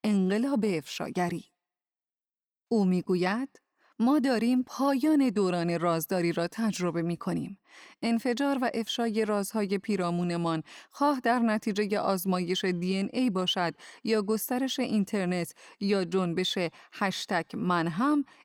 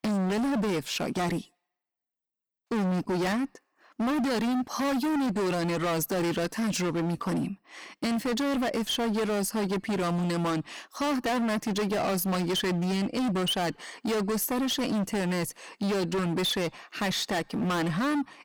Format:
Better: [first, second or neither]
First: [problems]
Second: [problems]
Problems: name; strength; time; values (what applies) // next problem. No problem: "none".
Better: first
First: none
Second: distortion; heavy; 35% of the sound clipped